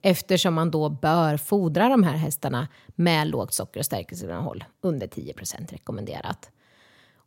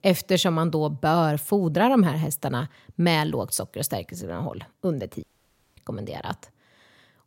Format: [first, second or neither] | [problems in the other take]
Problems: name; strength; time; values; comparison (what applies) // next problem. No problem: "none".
first | audio cutting out; at 5 s for 0.5 s